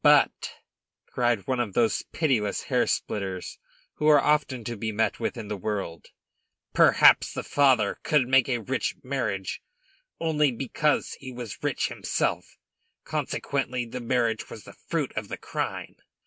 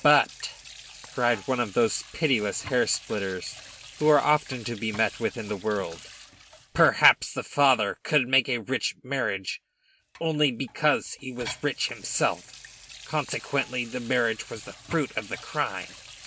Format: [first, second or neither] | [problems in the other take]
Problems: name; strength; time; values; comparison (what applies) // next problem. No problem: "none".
first | background sound (Sink (filling or washing) / Water tap, faucet); 19 dB below the speech